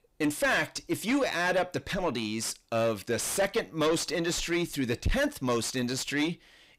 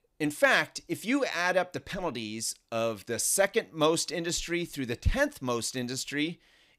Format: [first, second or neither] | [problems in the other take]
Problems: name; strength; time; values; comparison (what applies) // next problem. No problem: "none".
second | distortion; heavy; 6 dB below the speech